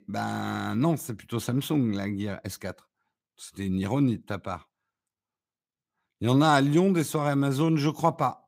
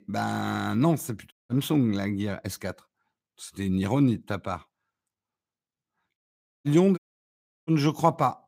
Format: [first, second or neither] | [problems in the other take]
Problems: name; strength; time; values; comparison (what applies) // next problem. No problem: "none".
first | audio cutting out; at 1.5 s, at 6 s and at 7 s for 0.5 s